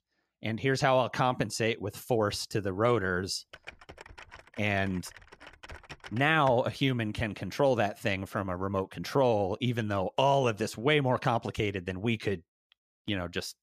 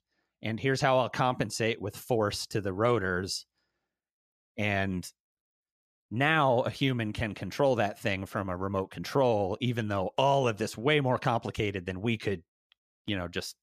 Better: second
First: keyboard typing; faint; from 3.5 to 6.5 s; peak 15 dB below the speech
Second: none

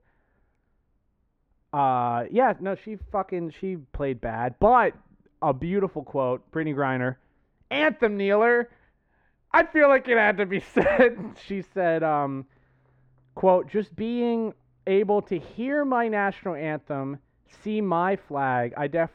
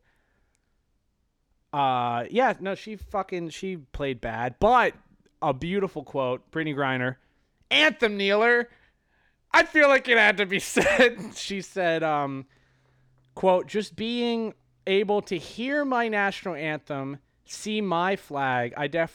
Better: second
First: muffled; very; fading above 3.5 kHz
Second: none

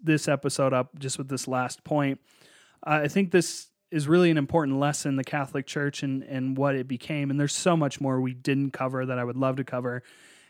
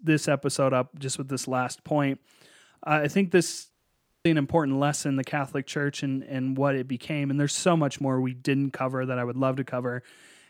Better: first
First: none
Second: audio cutting out; at 3.5 s for 0.5 s

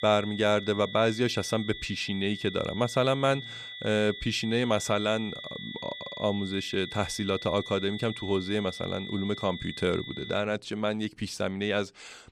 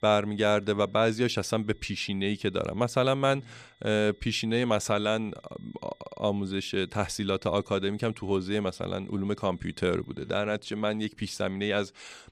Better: second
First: high-pitched whine; loud; until 10 s; 3.5 kHz, 10 dB below the speech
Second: high-pitched whine; faint; until 10 s; 3.5 kHz, 35 dB below the speech

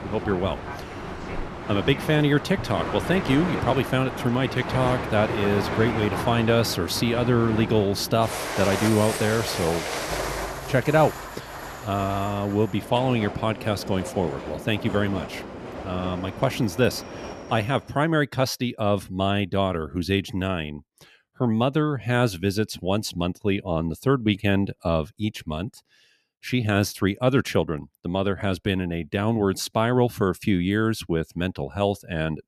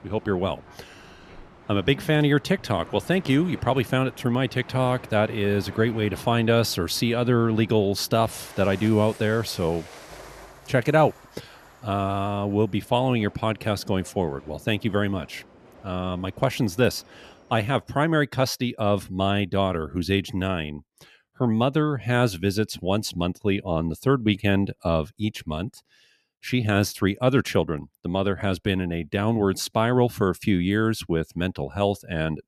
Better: second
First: train or aircraft noise; loud; until 18 s; 7 dB below the speech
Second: train or aircraft noise; faint; until 18 s; 20 dB below the speech

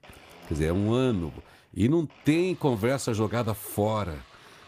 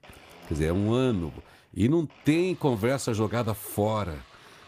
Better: neither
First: household noises; faint; throughout; 25 dB below the speech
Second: household noises; faint; throughout; 25 dB below the speech

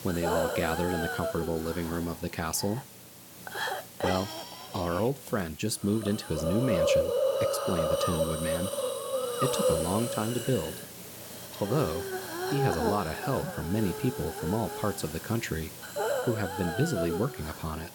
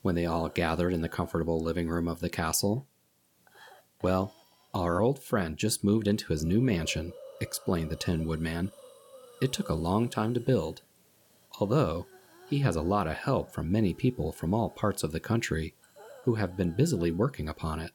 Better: second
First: hiss; loud; throughout; 1 dB below the speech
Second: hiss; faint; throughout; 25 dB below the speech

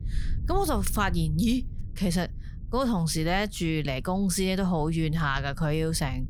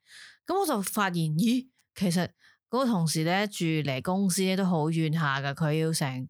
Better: second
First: low rumble; faint; throughout; 25 dB below the speech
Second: none

